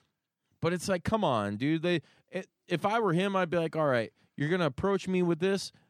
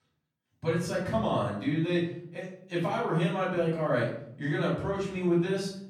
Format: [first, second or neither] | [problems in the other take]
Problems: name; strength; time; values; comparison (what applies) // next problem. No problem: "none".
first | room echo; noticeable; dies away in 0.6 s // off-mic speech; far